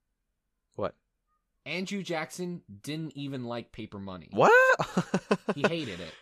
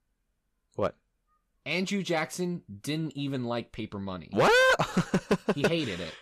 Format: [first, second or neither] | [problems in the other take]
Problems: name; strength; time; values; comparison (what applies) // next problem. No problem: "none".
first | distortion; heavy; 4% of the sound clipped